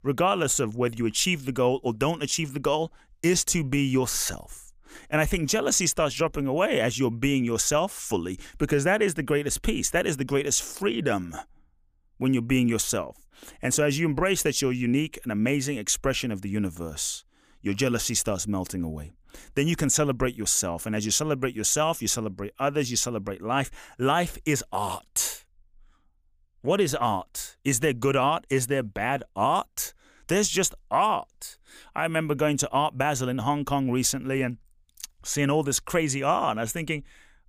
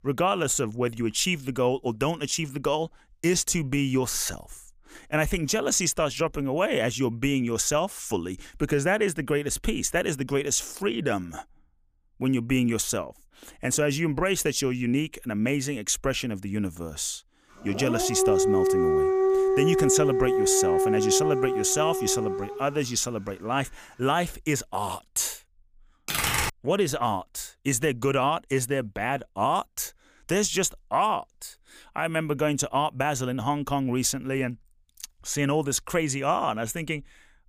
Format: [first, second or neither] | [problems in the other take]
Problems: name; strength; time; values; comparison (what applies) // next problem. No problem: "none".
first | dog barking; loud; from 18 to 23 s; peak 4 dB above the speech // keyboard typing; loud; at 26 s; peak 3 dB above the speech